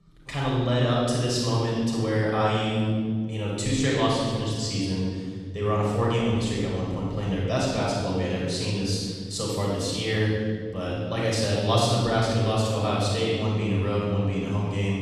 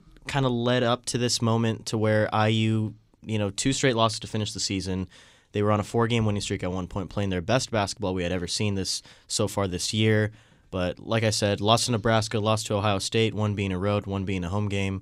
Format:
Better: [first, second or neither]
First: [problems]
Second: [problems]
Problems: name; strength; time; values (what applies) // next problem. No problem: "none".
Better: second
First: off-mic speech; far // room echo; strong; dies away in 1.9 s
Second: none